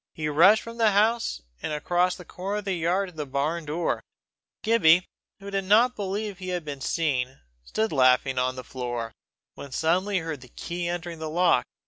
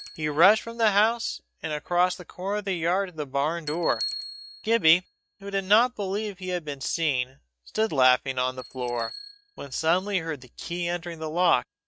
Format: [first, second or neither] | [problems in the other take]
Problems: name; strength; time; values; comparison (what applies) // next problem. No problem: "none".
first | noise reduction (neural mask model RNNoise)